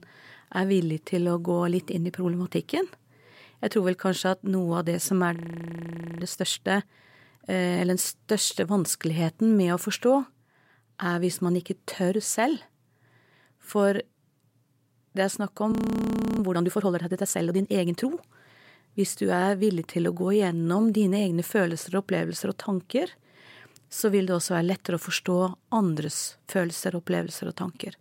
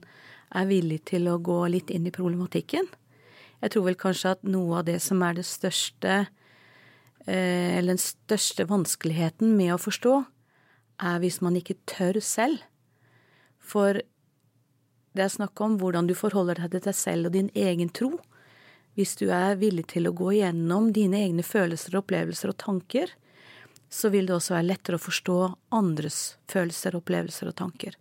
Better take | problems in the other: second | audio freezing; at 5.5 s for 1 s and at 16 s for 0.5 s

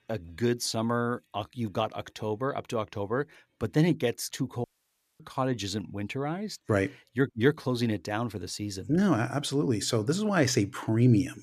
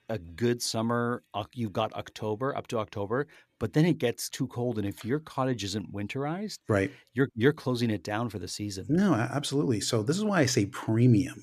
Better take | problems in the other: second | audio cutting out; at 4.5 s for 0.5 s

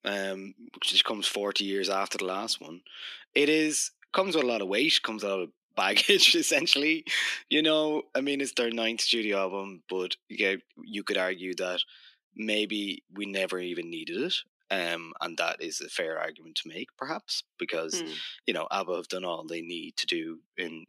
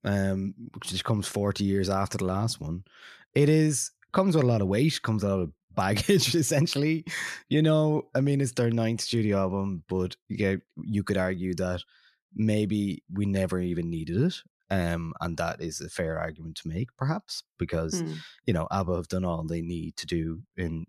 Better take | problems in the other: second | thin; somewhat; fading below 250 Hz

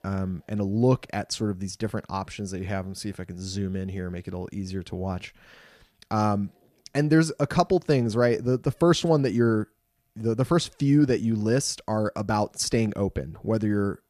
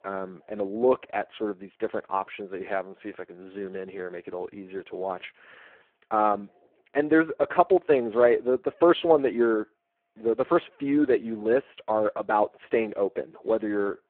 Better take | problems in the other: first | phone-call audio; poor line

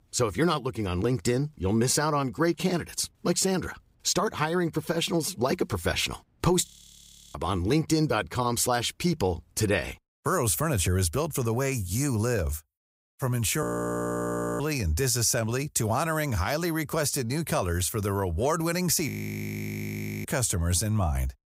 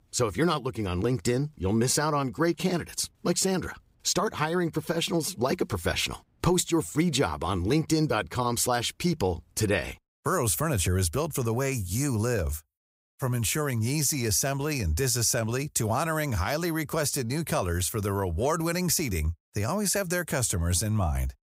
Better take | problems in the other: second | audio freezing; at 6.5 s for 0.5 s, at 14 s for 1 s and at 19 s for 1 s

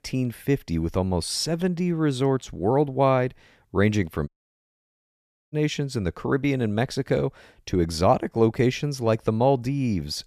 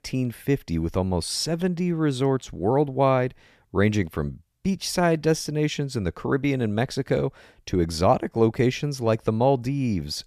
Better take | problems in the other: second | audio cutting out; at 4.5 s for 1 s

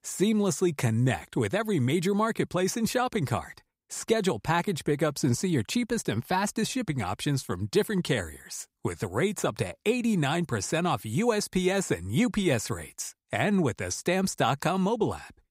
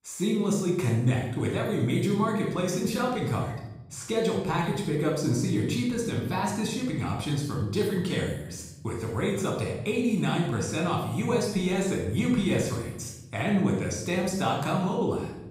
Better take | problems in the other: first | off-mic speech; far // room echo; noticeable; dies away in 0.9 s

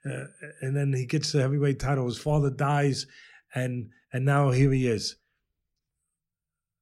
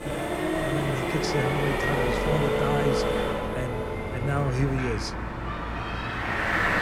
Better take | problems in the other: first | traffic noise; very loud; throughout; 3 dB above the speech

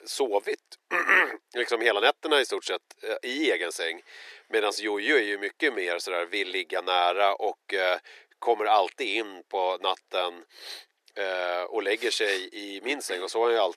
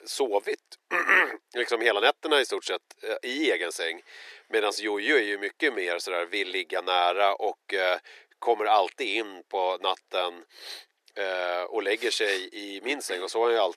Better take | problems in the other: neither | thin; very; fading below 350 Hz; the same in both

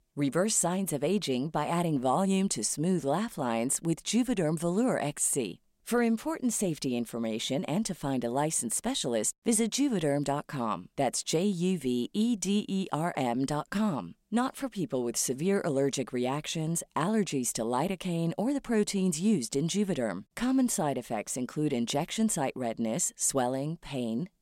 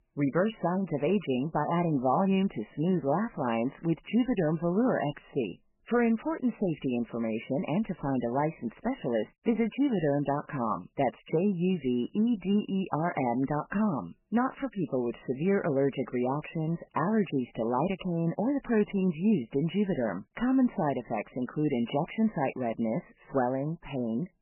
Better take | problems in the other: first | garbled, watery; badly; nothing above 3 kHz

